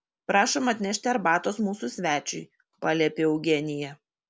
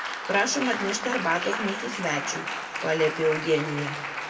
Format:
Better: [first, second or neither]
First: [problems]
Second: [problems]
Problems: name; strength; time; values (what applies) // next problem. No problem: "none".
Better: first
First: none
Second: background sound (Applause); 5 dB below the speech // room echo; dies away in 1.6 s